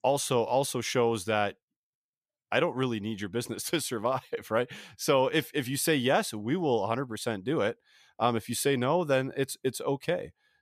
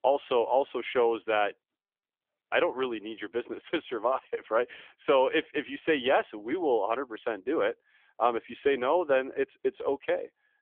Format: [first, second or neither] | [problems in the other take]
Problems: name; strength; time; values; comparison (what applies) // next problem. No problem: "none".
first | phone-call audio; nothing above 3.5 kHz